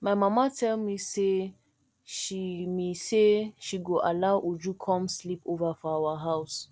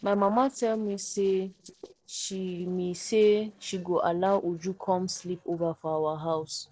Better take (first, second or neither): first